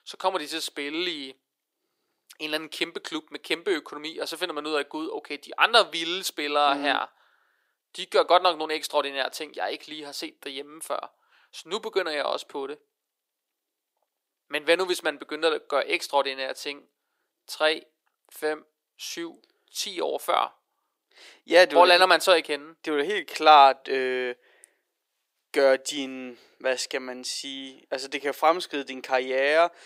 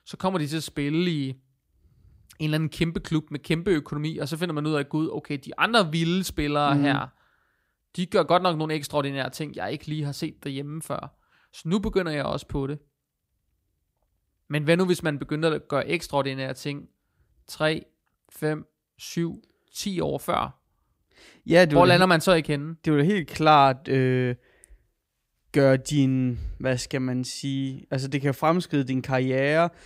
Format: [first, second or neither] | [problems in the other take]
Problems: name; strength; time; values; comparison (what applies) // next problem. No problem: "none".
second | thin; very; fading below 400 Hz